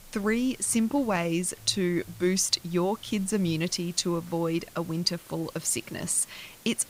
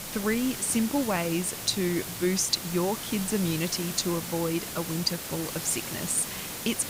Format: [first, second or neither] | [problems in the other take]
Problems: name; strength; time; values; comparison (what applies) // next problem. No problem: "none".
first | hiss; loud; throughout; 6 dB below the speech; faint in the first